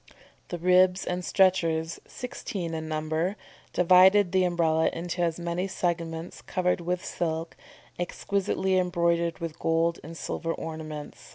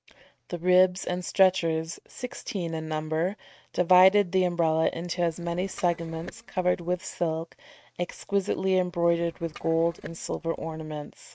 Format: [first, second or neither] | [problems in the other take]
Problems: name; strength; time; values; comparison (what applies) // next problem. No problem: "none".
first | noise reduction (neural mask model RNNoise)